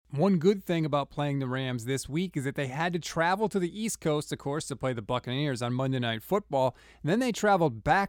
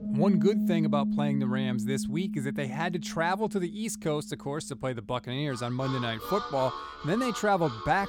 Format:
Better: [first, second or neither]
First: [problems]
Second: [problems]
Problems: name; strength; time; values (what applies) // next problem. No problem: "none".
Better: first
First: none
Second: background music; loud; throughout; 2 dB below the speech